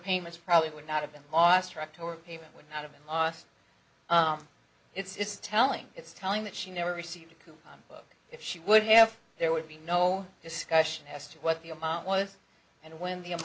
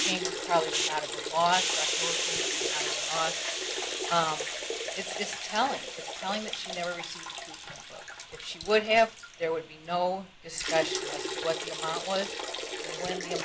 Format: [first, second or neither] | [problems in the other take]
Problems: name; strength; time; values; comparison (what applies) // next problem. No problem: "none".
first | background sound (Liquid + Hiss); 2 dB below the speech